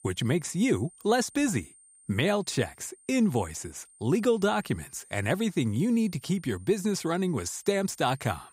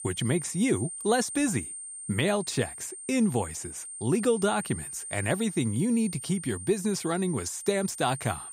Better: first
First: high-pitched whine; faint; throughout; 9 kHz, 25 dB below the speech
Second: high-pitched whine; loud; throughout; 9 kHz, 9 dB below the speech

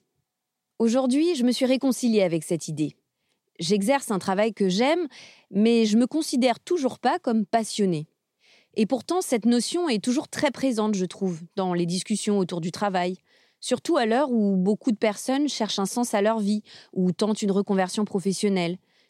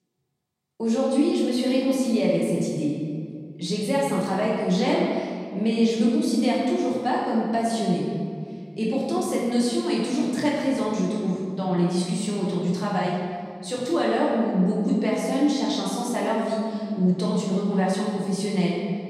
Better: first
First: none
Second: room echo; noticeable; dies away in 2 s // off-mic speech; far

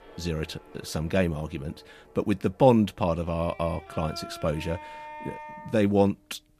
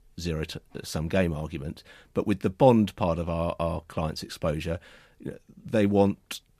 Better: second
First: background music; noticeable; throughout; 20 dB below the speech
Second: none

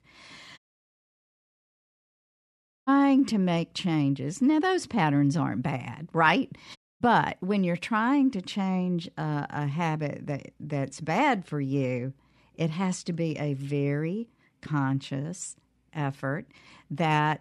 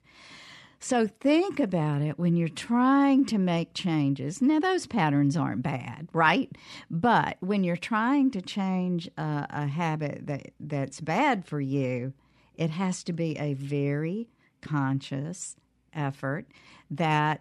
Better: second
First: audio cutting out; at 0.5 s for 2.5 s and at 7 s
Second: none

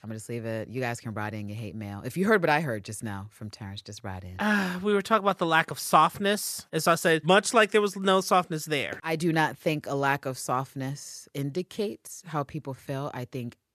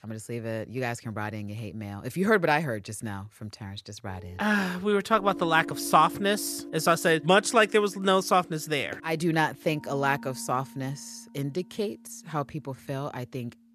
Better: first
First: none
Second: background music; noticeable; from 3 s on; 15 dB below the speech

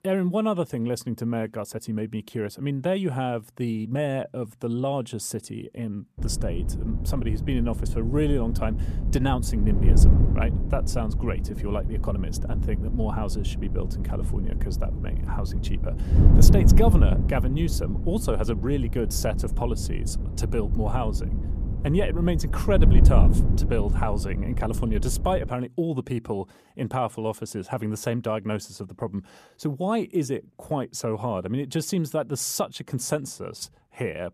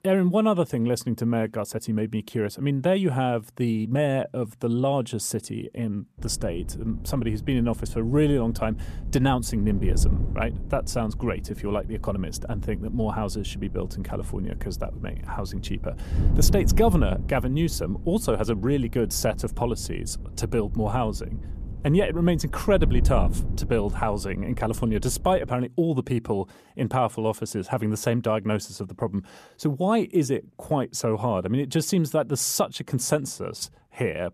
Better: second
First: wind noise on the microphone; heavy; from 6 to 25 s; 8 dB below the speech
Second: wind noise on the microphone; occasional gusts; from 6 to 25 s; 15 dB below the speech

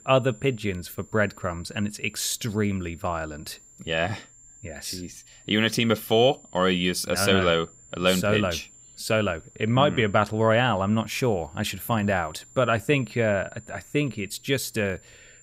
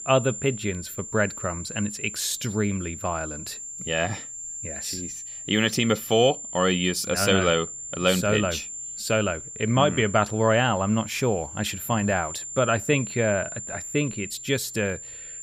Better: first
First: high-pitched whine; faint; throughout; 7 kHz, 25 dB below the speech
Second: high-pitched whine; loud; throughout; 7 kHz, 9 dB below the speech

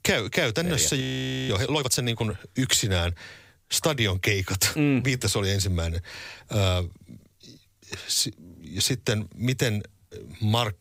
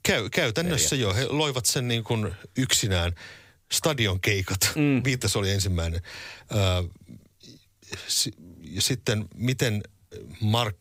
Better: second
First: audio freezing; at 1 s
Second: none

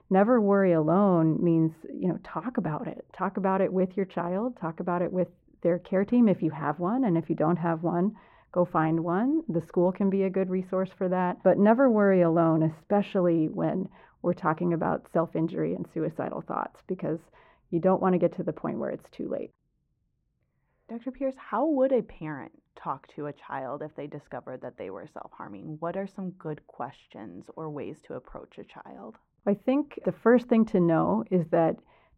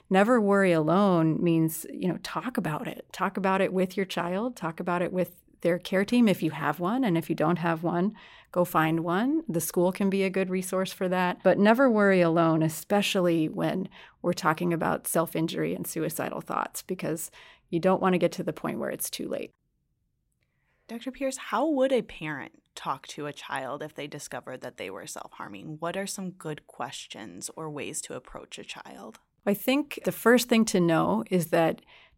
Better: second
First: muffled; very; fading above 3 kHz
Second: none

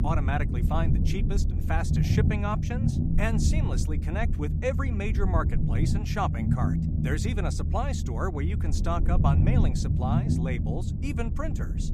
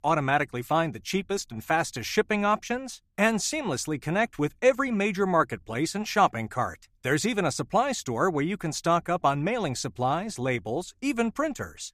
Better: second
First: low rumble; loud; throughout; 5 dB below the speech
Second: none

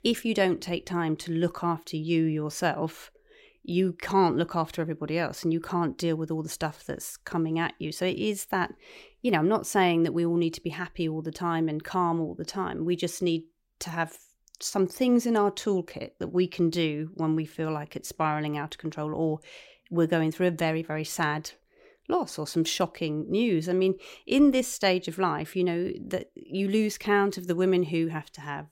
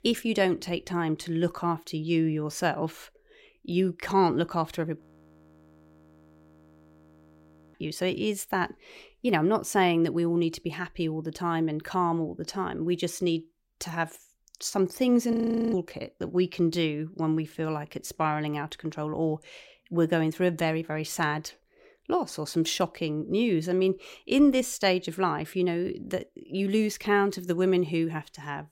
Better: first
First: none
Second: audio freezing; at 5 s for 2.5 s and at 15 s

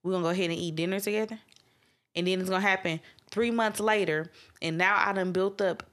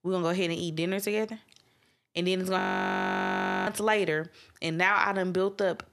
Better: first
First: none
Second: audio freezing; at 2.5 s for 1 s

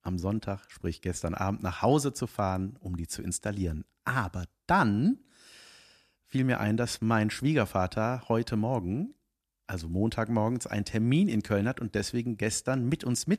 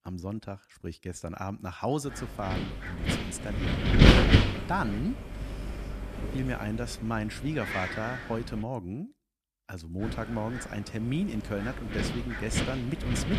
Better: first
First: none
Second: wind noise on the microphone; heavy; from 2 to 8.5 s and from 10 s on; 5 dB above the speech

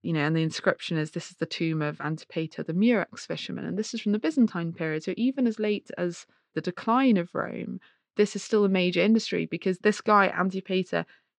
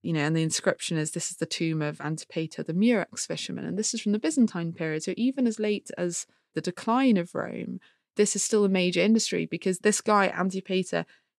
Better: second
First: muffled; slightly; fading above 4.5 kHz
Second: none

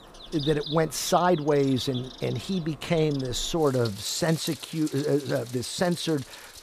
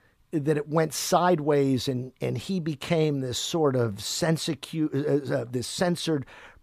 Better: second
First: animal sounds; noticeable; throughout; 15 dB below the speech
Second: none

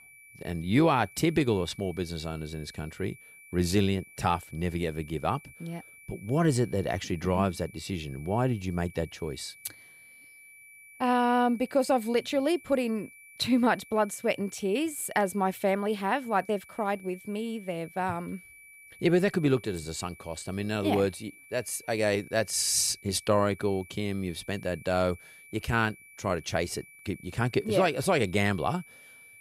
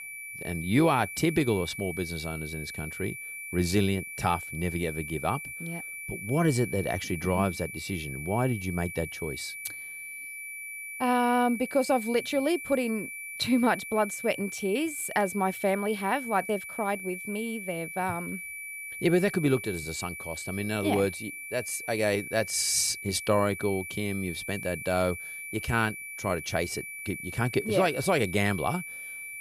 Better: first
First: high-pitched whine; faint; throughout; 2.5 kHz, 20 dB below the speech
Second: high-pitched whine; loud; throughout; 2.5 kHz, 8 dB below the speech

